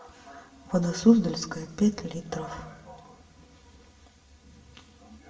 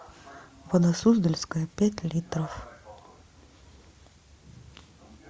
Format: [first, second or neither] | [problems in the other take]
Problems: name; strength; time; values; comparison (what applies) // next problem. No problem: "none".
second | room echo; dies away in 1 s